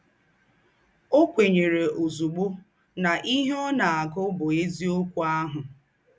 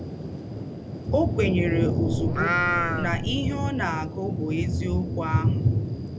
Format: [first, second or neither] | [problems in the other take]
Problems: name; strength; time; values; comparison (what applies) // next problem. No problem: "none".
first | background sound (Thunder + Livestock, farm animals, working animals); 4 dB above the speech